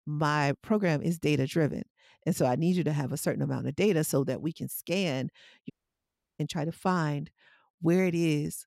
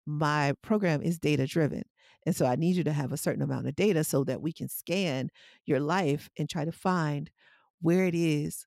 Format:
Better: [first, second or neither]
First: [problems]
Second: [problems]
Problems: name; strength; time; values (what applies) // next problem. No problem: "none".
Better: second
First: audio cutting out; at 5.5 s for 0.5 s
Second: none